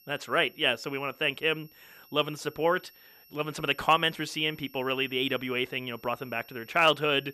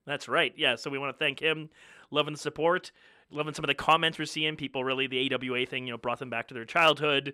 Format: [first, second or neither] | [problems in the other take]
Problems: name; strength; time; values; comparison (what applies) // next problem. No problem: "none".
second | high-pitched whine; faint; throughout; 12 kHz, 25 dB below the speech